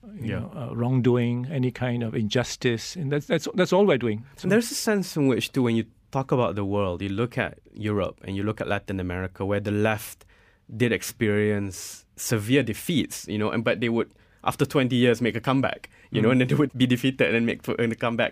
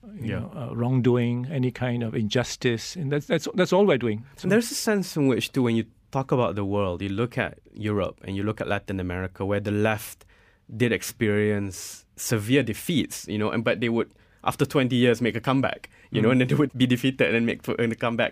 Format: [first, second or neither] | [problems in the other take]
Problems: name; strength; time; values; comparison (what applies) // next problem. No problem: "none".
neither | none